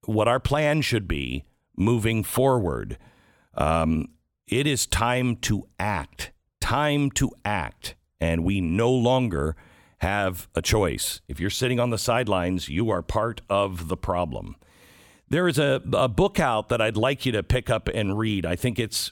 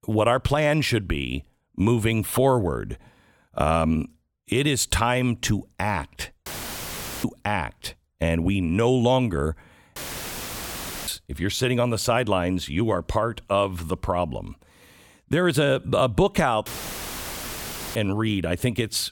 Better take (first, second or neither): first